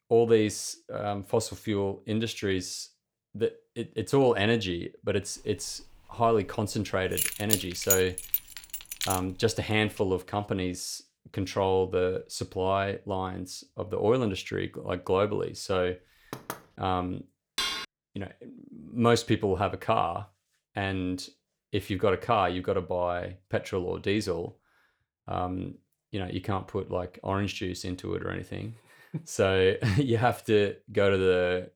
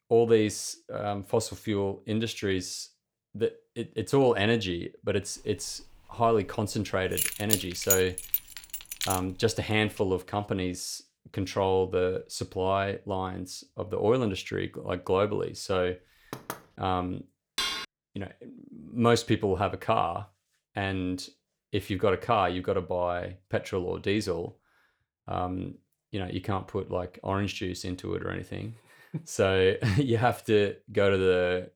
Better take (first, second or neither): neither